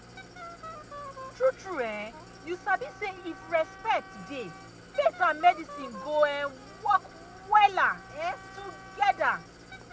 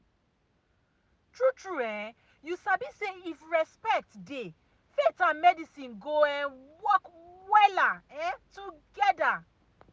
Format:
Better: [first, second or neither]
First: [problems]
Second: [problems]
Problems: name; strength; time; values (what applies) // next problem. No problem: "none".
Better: second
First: background sound (Wind instrument, woodwind instrument + Idling); 16 dB below the speech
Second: none